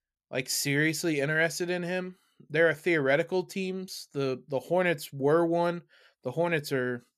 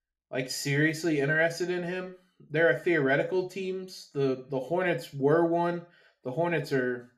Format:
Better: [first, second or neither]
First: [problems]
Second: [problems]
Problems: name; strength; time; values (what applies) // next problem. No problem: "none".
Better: first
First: none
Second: room echo; very slight; dies away in 0.3 s // off-mic speech; far